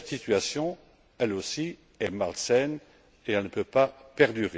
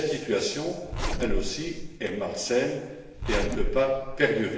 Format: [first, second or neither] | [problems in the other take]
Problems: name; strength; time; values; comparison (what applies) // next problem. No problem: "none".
first | background sound (Zipper (clothing)); 2 dB below the speech // room echo; dies away in 1 s